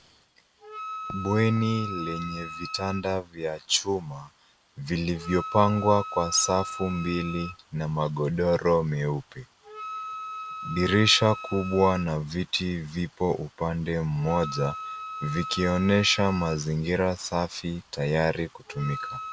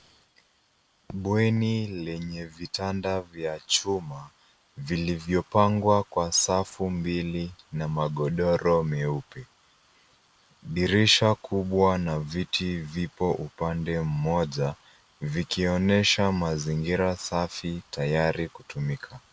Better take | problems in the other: second | background sound (Wind instrument, woodwind instrument); 12 dB below the speech

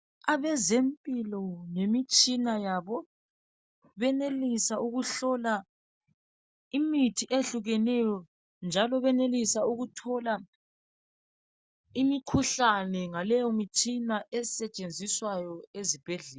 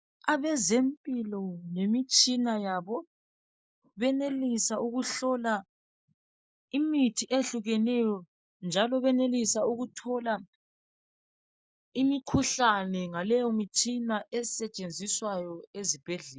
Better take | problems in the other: first | noise reduction (neural mask model Resemble Enhance denoiser)

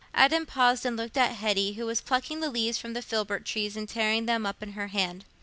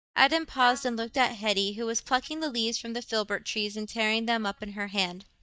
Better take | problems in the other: first | noise reduction (neural mask model DeepFilterNet 3)

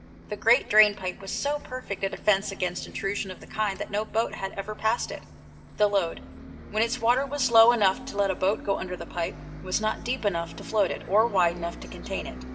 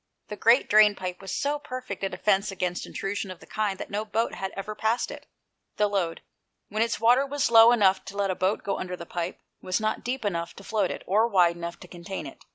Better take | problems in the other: second | background sound (Bus); 15 dB below the speech // room echo; dies away in 1.9 s

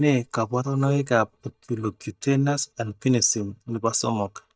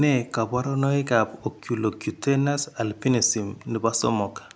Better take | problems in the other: second | noise reduction (neural mask model DeepFilterNet 3)

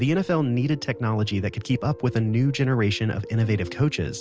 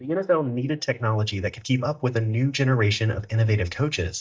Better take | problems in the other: first | noise reduction (neural mask model DeepFilterNet 3)

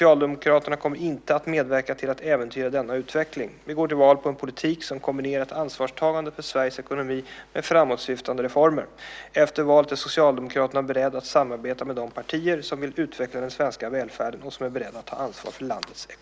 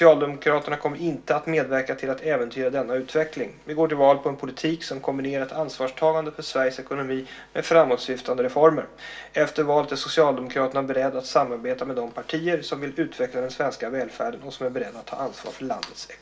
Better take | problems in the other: first | room echo; dies away in 0.3 s

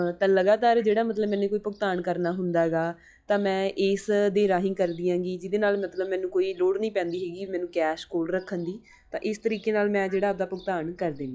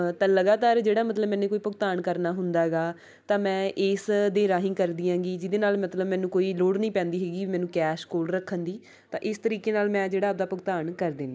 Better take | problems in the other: second | noise reduction (classical method log-MMSE)

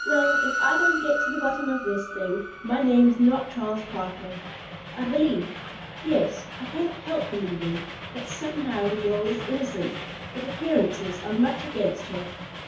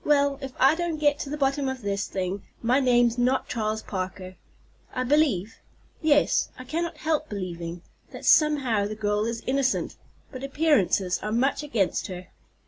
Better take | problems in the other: second | background sound (Train); 6 dB below the speech // room echo; dies away in 0.5 s

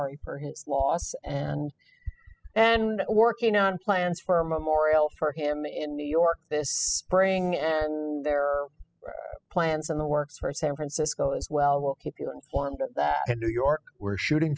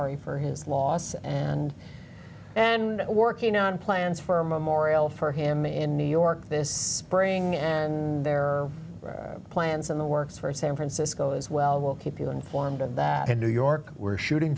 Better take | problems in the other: second | noise reduction (classical method spectral subtraction)

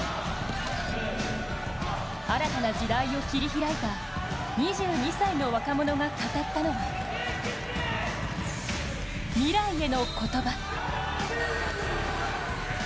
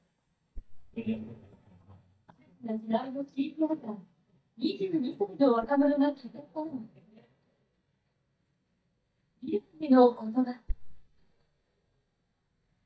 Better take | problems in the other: first | noise reduction (neural mask model DeepFilterNet 3)

